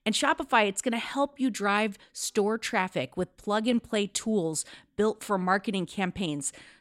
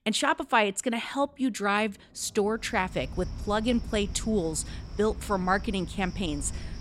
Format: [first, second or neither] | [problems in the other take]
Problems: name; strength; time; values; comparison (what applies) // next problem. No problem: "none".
first | animal sounds; noticeable; throughout; 10 dB below the speech